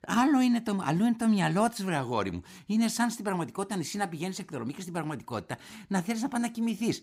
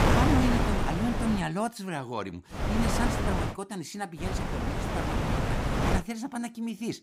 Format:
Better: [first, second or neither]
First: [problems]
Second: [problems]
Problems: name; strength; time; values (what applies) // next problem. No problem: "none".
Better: first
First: none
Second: wind noise on the microphone; heavy; until 1.5 s, at 2.5 s and from 4 to 6 s; 3 dB above the speech